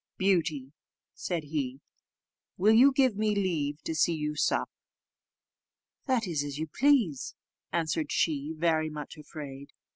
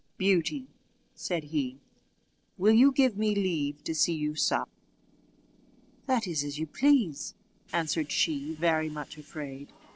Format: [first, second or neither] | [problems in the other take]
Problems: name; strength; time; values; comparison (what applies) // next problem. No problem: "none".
first | noise reduction (neural separator model SepFormer DNS4)